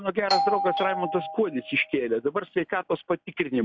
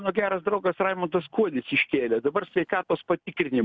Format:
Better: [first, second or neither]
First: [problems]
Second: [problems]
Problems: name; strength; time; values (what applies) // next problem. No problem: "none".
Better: second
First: noise reduction (classical method log-MMSE)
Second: none